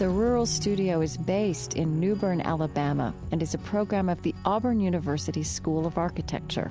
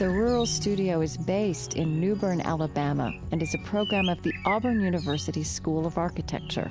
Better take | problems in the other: first | background sound (Bird); 14 dB below the speech

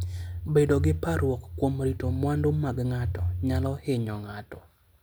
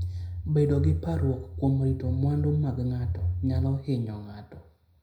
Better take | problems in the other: first | room echo; dies away in 0.4 s

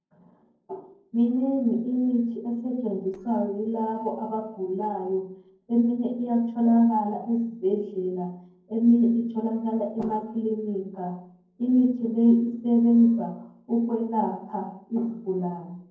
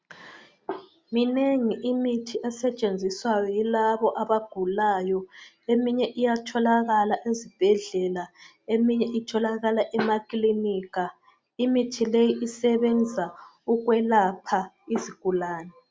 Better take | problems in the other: second | noise reduction (neural separator model SepFormer DNS4)

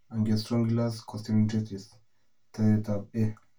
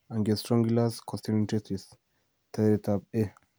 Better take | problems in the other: second | room echo; dies away in 0.2 s

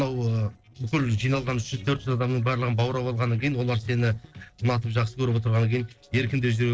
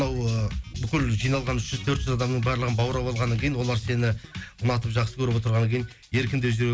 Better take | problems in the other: second | noise reduction (neural separator model SepFormer DNS4)

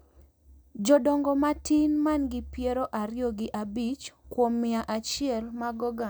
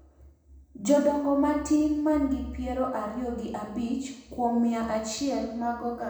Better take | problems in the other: first | room echo; dies away in 0.8 s

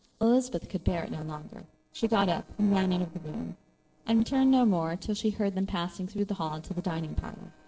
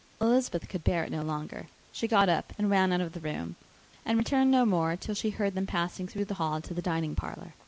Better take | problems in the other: second | noise reduction (neural separator model SepFormer DNS4)

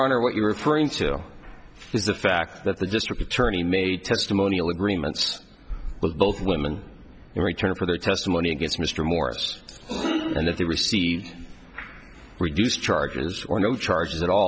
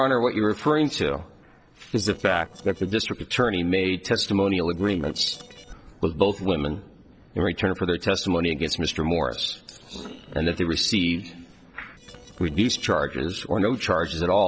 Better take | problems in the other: first | noise reduction (neural separator model SepFormer DNS4)

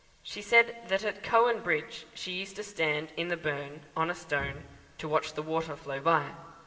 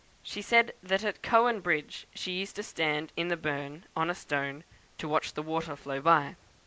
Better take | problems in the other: second | background sound (Bowed string instrument); 18 dB below the speech // room echo; dies away in 2.2 s

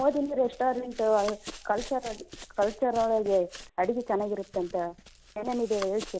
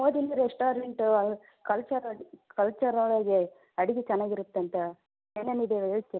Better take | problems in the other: second | background sound (Run); 17 dB below the speech

